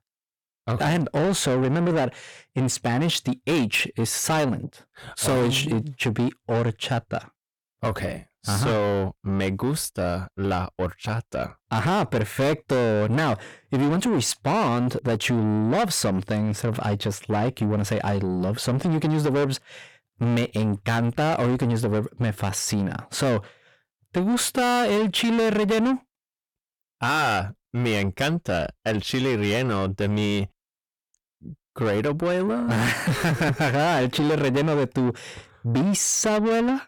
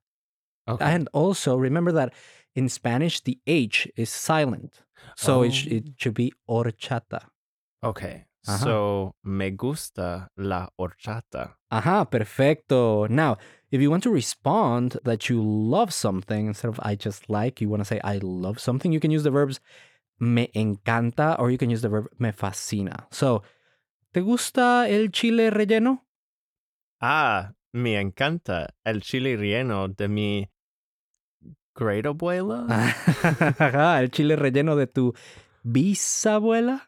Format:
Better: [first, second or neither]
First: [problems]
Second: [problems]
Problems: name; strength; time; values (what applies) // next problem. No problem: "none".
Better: second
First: distortion; heavy; 8 dB below the speech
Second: none